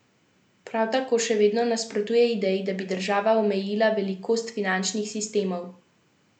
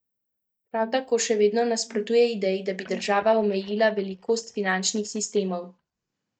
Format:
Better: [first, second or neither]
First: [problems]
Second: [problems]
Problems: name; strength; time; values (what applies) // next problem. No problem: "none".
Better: first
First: none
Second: noise reduction (neural mask model DeepFilterNet 3)